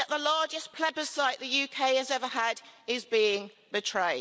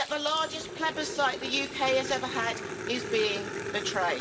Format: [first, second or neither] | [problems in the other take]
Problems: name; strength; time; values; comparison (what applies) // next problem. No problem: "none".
first | background sound (Growling); 7 dB below the speech // room echo; dies away in 1 s